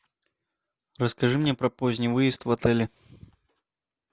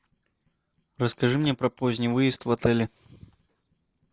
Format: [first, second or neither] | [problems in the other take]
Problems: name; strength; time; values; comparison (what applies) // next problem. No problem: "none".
first | noise reduction (neural mask model Resemble Enhance denoiser)